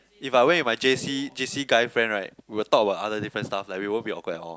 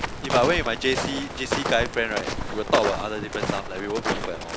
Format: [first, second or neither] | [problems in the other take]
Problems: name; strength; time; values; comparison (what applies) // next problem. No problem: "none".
first | background sound (Walk, footsteps); 2 dB below the speech